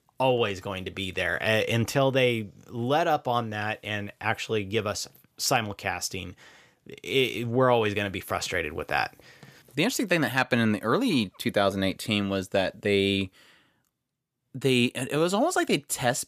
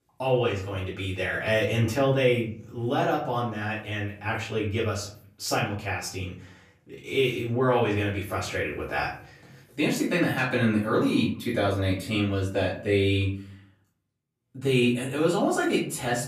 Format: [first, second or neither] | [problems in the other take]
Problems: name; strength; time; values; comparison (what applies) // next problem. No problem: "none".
first | off-mic speech; far // room echo; slight; dies away in 0.5 s